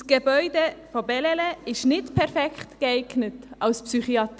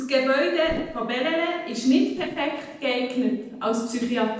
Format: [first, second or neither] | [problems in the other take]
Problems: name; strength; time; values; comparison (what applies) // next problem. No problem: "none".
first | noise reduction (neural separator model SepFormer DNS4)